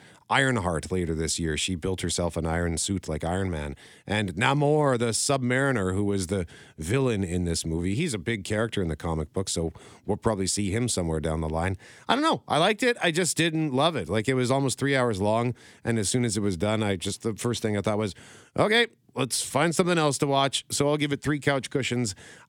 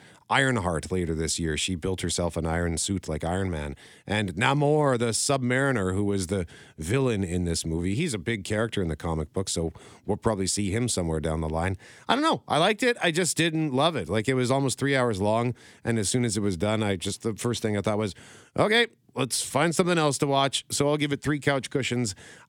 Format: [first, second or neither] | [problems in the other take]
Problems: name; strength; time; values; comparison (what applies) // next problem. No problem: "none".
neither | none